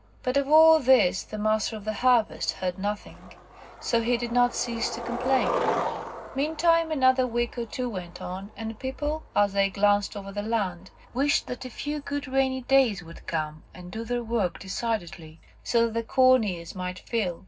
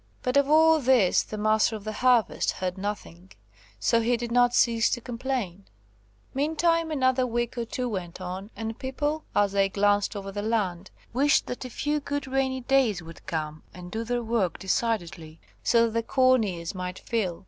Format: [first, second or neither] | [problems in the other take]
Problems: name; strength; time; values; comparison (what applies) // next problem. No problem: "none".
second | background sound (Skateboard); 13 dB below the speech // room echo; dies away in 0.4 s